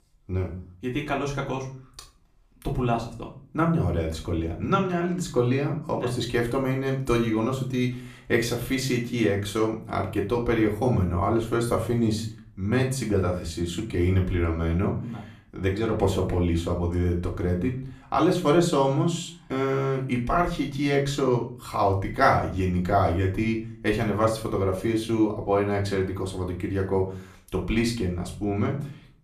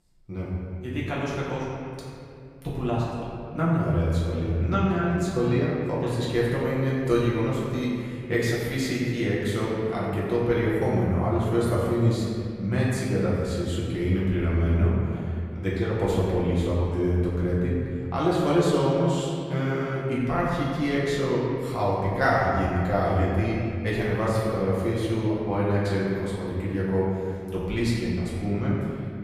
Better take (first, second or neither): first